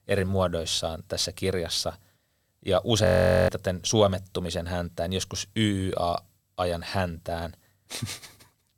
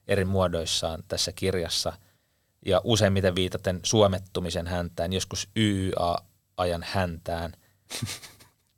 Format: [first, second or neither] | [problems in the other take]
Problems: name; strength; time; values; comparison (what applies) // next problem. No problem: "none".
second | audio freezing; at 3 s